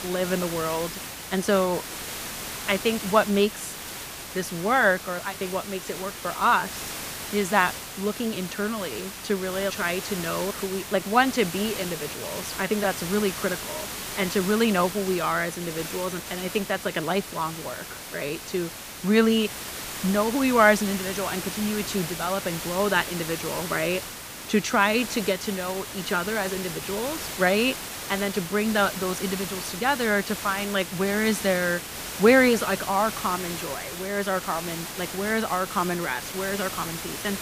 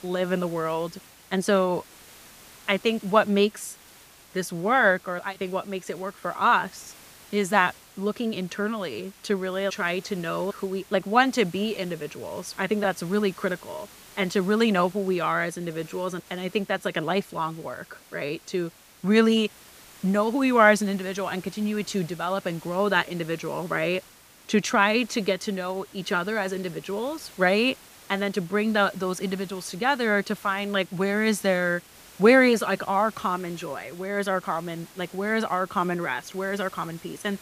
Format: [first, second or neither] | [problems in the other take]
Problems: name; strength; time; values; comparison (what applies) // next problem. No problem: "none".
second | hiss; loud; throughout; 7 dB below the speech; faint in the second